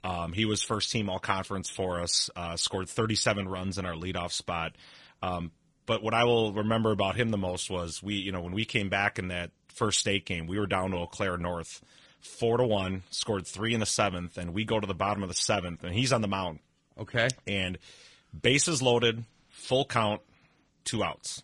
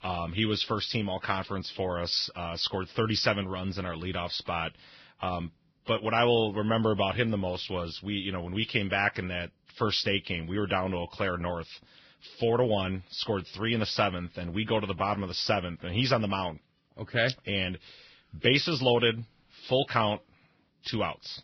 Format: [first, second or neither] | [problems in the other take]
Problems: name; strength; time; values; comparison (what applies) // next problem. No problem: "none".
first | garbled, watery; badly; nothing above 5.5 kHz; slightly in the first